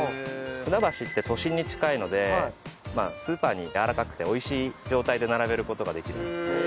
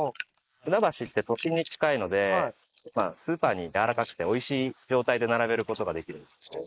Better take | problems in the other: first | noise reduction (neural mask model Resemble Enhance denoiser)

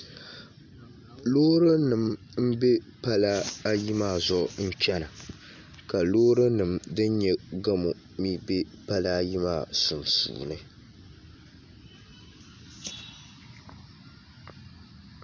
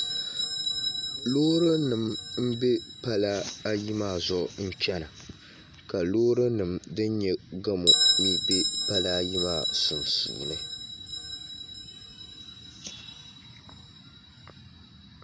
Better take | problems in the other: first | background sound (Bell); 2 dB below the speech

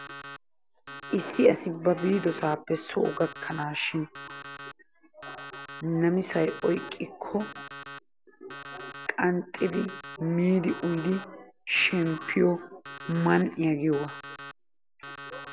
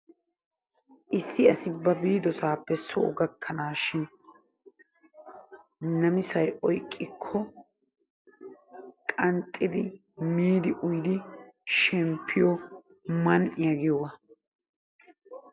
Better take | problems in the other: second | background sound (Alarm); 15 dB below the speech

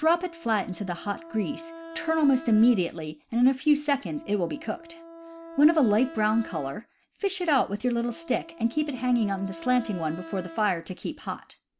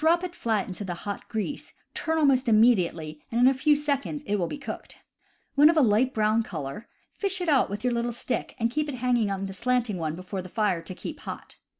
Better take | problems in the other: second | background sound (Wind instrument, woodwind instrument); 18 dB below the speech

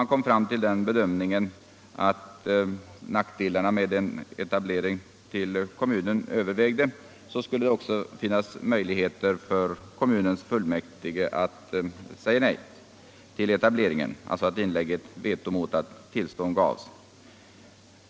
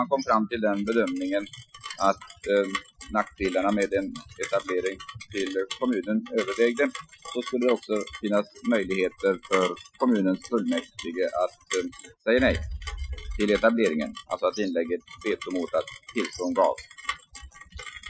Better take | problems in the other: first | noise reduction (classical method Wiener filter)

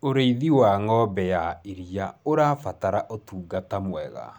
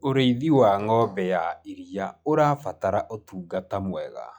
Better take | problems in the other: first | noise reduction (classical method log-MMSE)

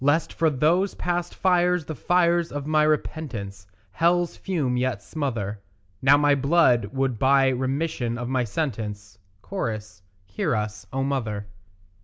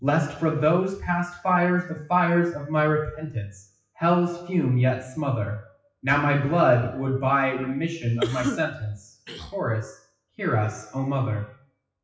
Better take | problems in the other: first | noise reduction (classical method WPE with log-MMSE)

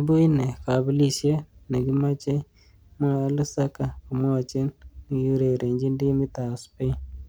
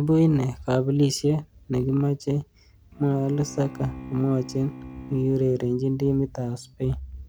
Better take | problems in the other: first | background sound (Bowed string instrument); 16 dB below the speech

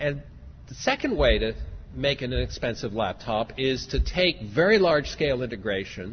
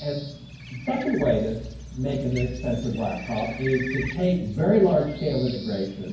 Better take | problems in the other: first | background sound (Bird); 16 dB below the speech // room echo; dies away in 0.9 s

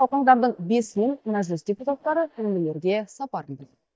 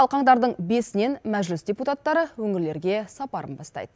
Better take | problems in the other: second | noise reduction (neural mask model DeepFilterNet 3)

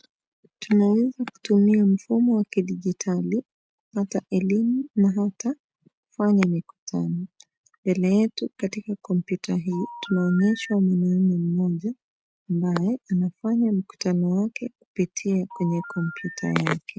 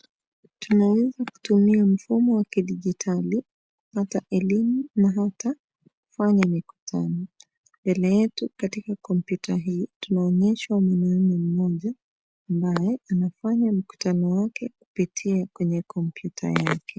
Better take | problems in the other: second | noise reduction (neural mask model RNNoise)

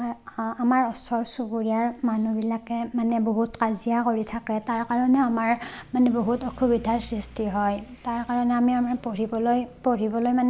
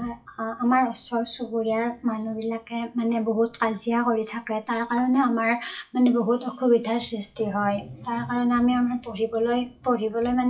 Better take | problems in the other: first | noise reduction (classical method WPE with log-MMSE)

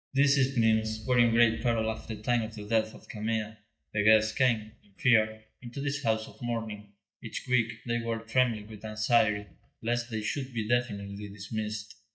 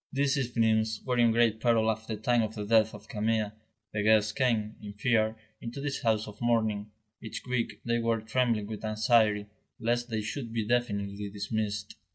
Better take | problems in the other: second | noise reduction (neural mask model DeepFilterNet 3)

